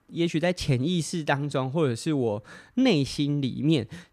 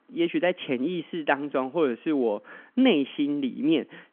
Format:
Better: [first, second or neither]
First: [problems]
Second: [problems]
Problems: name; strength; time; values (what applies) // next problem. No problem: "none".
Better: first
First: none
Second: phone-call audio; nothing above 3.5 kHz